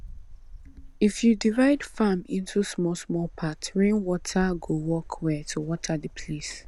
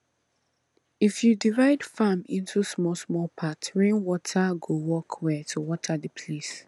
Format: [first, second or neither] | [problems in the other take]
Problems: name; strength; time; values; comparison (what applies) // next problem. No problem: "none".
second | background sound (Wind); 17 dB below the speech